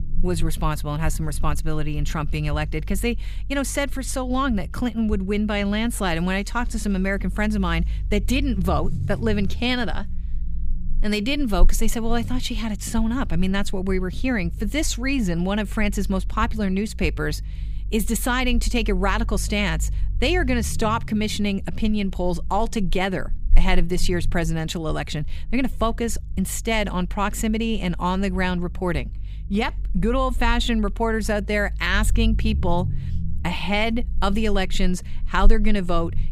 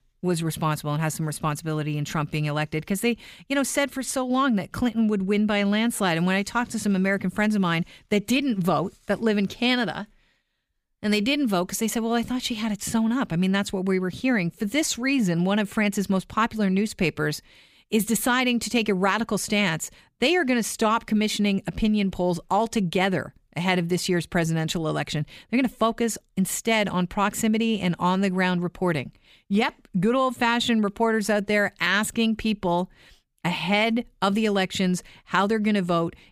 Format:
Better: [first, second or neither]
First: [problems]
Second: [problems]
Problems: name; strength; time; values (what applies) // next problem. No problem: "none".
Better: second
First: low rumble; faint; throughout; 25 dB below the speech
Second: none